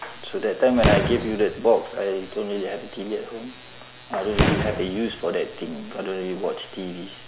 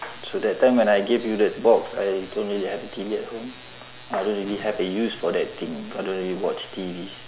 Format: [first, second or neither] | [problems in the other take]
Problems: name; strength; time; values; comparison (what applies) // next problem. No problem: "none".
second | background sound (Fireworks); 2 dB below the speech